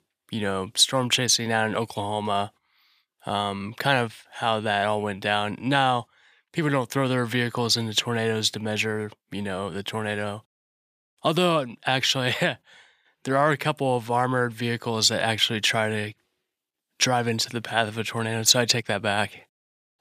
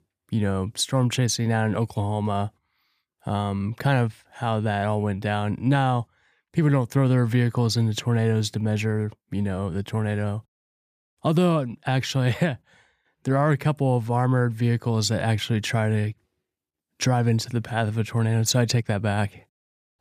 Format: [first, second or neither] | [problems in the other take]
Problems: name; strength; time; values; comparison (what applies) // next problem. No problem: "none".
second | thin; somewhat; fading below 600 Hz